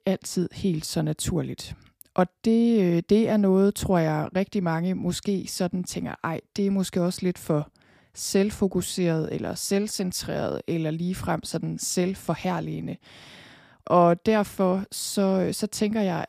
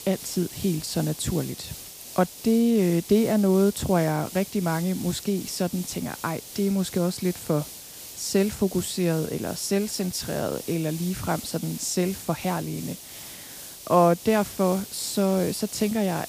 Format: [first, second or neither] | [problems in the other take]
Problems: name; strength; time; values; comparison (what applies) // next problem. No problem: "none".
first | hiss; noticeable; throughout; 10 dB below the speech